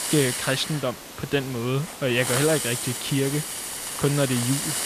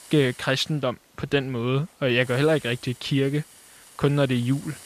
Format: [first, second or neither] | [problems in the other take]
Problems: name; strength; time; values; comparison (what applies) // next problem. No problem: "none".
second | hiss; loud; throughout; 4 dB below the speech; faint in the second